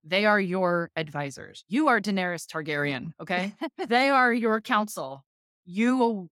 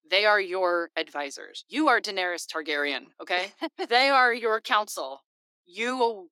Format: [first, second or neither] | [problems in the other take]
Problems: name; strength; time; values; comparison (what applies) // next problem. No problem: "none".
first | thin; somewhat; fading below 300 Hz